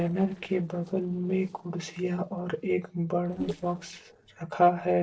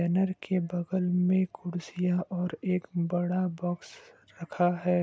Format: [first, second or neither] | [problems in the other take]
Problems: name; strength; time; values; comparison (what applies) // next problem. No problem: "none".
second | noise reduction (neural separator model SepFormer DNS4)